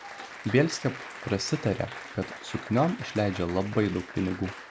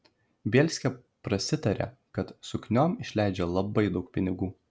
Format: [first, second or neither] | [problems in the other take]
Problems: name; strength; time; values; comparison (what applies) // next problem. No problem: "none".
second | background sound (Applause); 13 dB below the speech